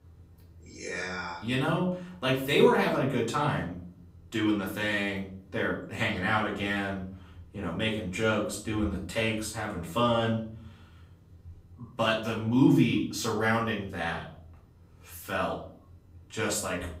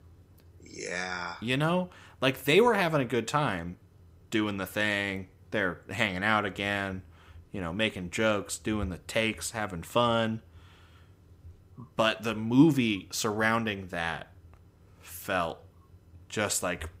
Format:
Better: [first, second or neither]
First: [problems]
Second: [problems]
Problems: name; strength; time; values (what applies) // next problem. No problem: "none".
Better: second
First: off-mic speech; far // room echo; slight; dies away in 0.4 s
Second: none